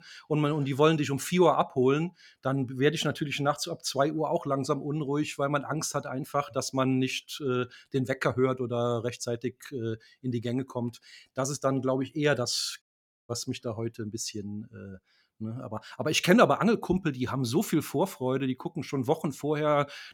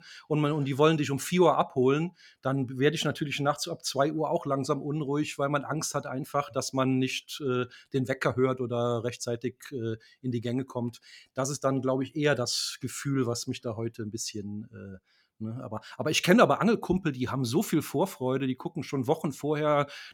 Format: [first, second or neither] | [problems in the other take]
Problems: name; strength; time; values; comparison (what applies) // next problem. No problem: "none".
second | audio cutting out; at 13 s